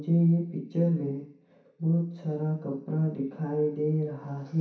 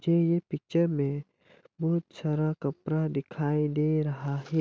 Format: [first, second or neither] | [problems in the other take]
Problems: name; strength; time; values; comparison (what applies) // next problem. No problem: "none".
second | room echo; dies away in 0.6 s